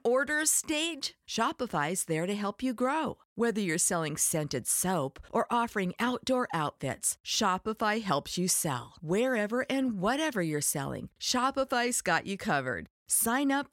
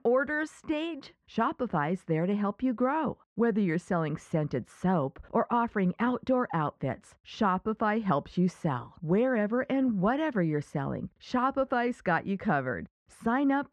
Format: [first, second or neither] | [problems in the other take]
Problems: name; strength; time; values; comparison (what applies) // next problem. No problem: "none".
first | muffled; very; fading above 1.5 kHz